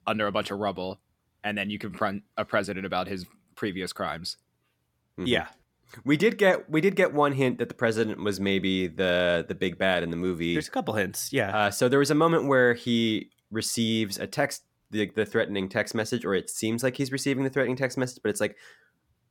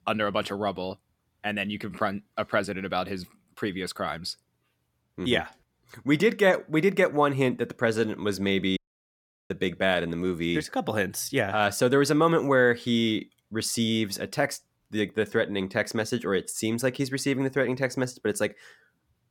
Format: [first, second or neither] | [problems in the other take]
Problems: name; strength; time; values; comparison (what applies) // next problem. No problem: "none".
first | audio cutting out; at 9 s for 0.5 s